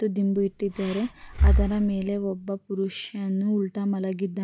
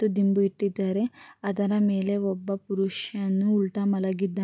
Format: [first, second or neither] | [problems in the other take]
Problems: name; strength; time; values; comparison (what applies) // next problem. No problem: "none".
second | background sound (Breathing); 1 dB above the speech